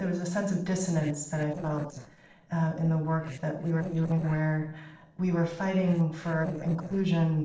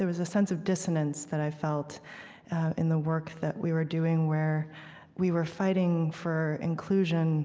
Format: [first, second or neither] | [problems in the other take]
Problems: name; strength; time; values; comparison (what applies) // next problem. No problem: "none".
second | noise reduction (neural separator model SepFormer DNS4)